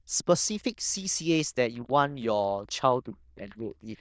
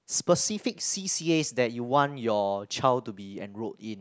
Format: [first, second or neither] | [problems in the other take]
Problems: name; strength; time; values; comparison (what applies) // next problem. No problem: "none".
second | noise reduction (neural diffusion model UNIVERSE++)